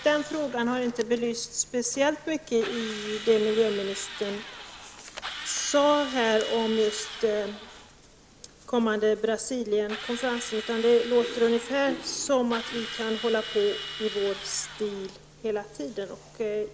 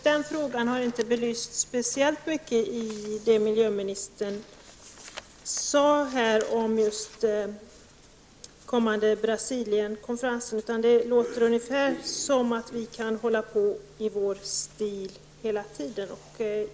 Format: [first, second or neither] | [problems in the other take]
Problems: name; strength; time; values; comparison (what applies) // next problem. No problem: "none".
second | background sound (Drill); 13 dB below the speech